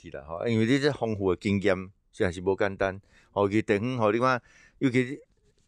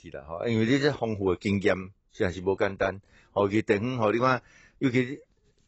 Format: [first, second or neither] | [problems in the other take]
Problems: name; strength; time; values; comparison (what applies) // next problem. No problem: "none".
first | garbled, watery; badly; nothing above 8 kHz